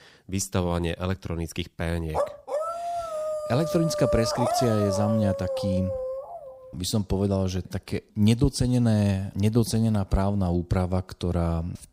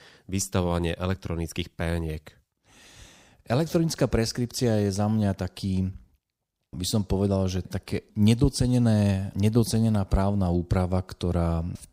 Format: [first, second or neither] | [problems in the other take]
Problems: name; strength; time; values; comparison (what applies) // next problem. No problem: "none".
second | dog barking; loud; from 2 to 6.5 s; peak level with the speech